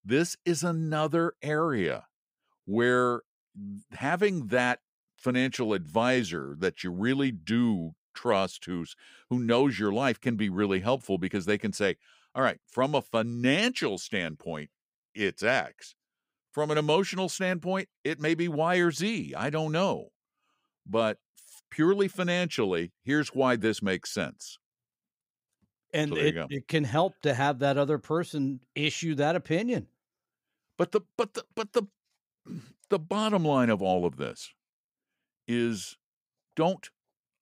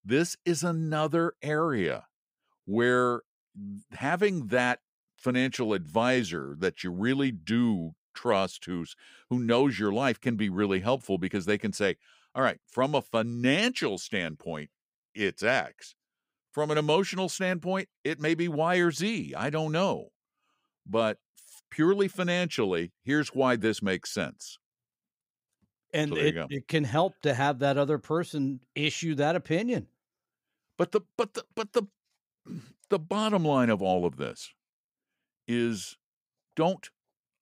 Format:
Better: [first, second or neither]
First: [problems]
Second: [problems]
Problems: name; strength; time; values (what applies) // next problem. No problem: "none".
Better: neither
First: none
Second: none